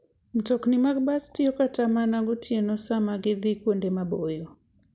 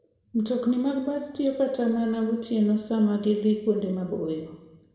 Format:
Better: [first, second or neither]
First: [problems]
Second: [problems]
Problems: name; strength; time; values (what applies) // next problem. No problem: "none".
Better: first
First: none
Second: room echo; dies away in 1 s